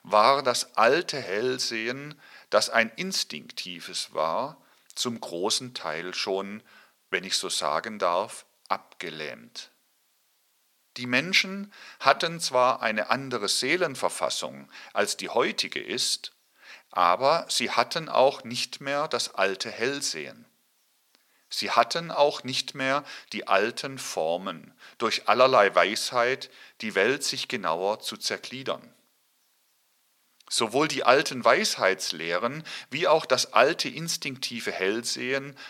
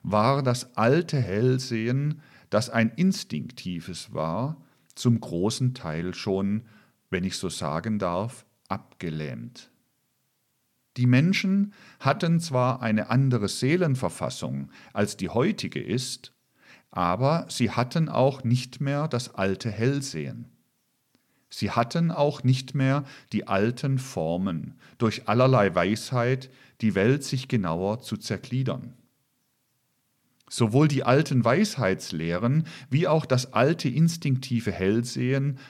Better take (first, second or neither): second